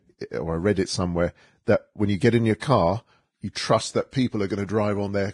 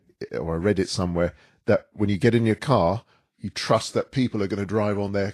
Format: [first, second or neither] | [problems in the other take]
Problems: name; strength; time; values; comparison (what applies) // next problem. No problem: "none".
second | garbled, watery; badly; slightly in the second